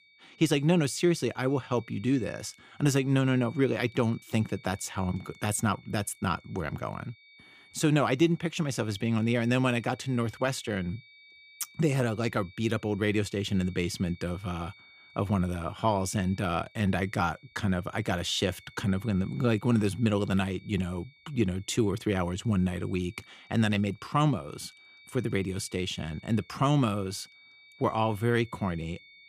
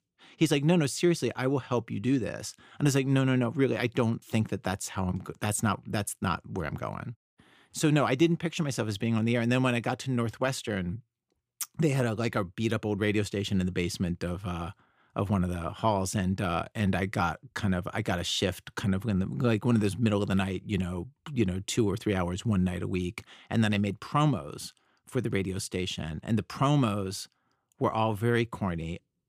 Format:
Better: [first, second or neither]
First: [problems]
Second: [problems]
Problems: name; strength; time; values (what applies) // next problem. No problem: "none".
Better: second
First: high-pitched whine; faint; throughout; 2.5 kHz, 25 dB below the speech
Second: none